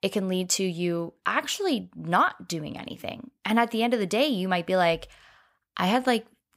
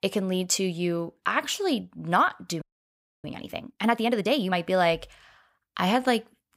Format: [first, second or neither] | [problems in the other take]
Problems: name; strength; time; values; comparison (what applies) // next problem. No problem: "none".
first | audio freezing; at 2.5 s for 0.5 s